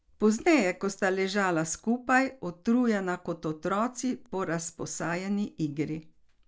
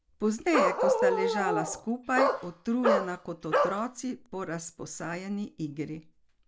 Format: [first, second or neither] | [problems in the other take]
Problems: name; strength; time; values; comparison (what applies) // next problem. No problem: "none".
first | background sound (Bark); 4 dB above the speech